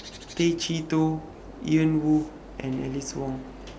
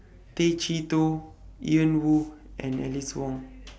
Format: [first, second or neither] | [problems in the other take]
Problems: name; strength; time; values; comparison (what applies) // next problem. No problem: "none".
second | background sound (Bird); 17 dB below the speech